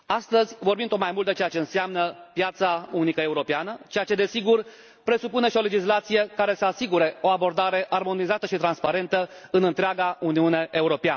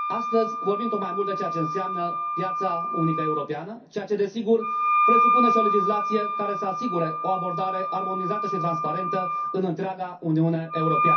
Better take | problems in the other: first | background sound (Wind instrument, woodwind instrument); 1 dB above the speech // room echo; dies away in 0.3 s

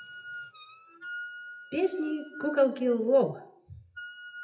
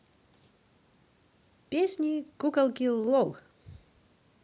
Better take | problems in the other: second | noise reduction (classical method WPE with log-MMSE)

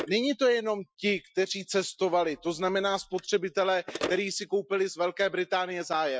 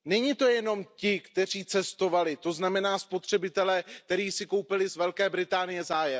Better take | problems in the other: second | noise reduction (classical method Wiener filter)

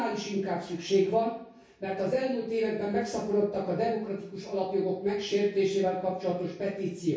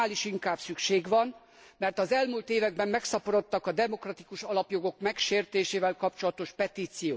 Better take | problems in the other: second | room echo; dies away in 0.6 s

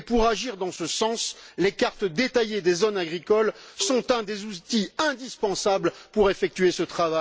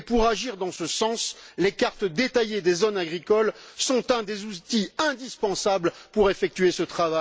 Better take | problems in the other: second | background sound (Marimba, xylophone); 17 dB below the speech

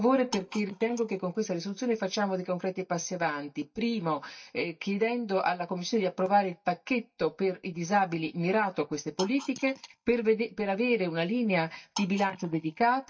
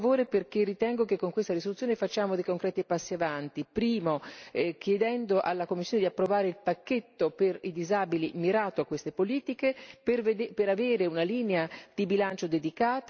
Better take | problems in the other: second | noise reduction (neural mask model DeepFilterNet 3)

